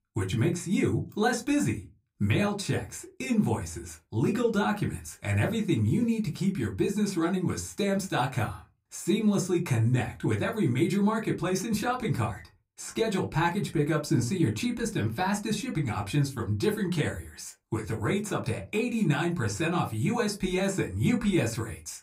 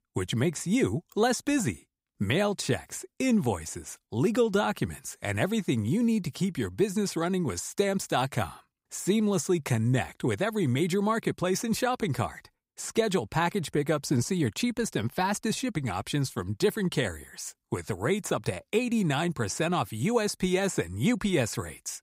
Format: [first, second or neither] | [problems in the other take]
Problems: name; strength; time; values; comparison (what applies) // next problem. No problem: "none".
second | off-mic speech; somewhat distant // room echo; very slight; dies away in 0.2 s